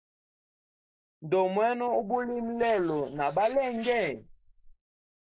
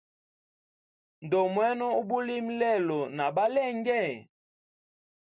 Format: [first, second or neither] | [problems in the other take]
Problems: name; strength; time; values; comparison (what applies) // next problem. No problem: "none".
second | noise reduction (neural mask model Resemble Enhance denoiser)